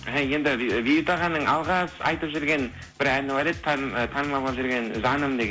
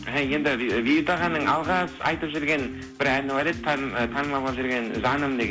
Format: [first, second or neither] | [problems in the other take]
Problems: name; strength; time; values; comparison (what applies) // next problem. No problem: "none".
first | background sound (Marimba, xylophone); 13 dB below the speech